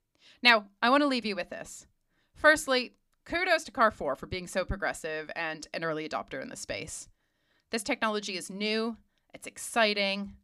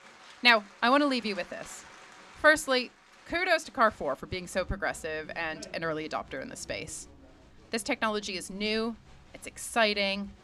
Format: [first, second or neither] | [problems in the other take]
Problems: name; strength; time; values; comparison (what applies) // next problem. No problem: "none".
first | crowd noise; faint; throughout; 25 dB below the speech